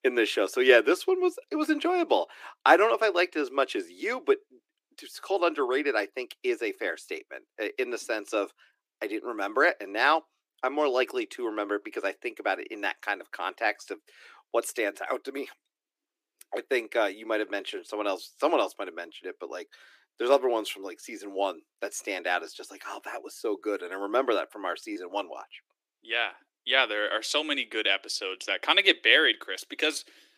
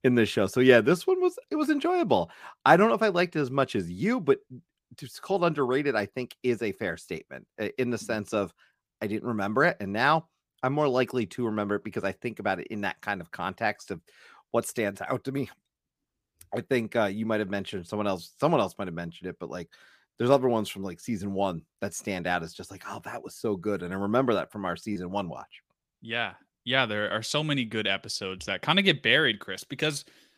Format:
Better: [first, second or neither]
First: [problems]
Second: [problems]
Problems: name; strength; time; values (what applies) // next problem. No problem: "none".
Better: second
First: thin; somewhat; fading below 300 Hz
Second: none